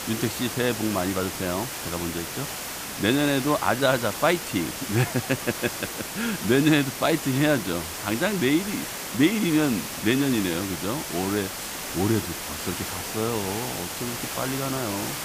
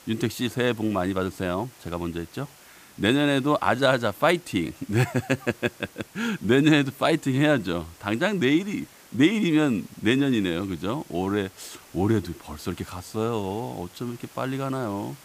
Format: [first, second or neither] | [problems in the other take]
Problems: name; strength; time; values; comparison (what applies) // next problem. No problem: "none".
second | hiss; loud; throughout; 5 dB below the speech; faint in the second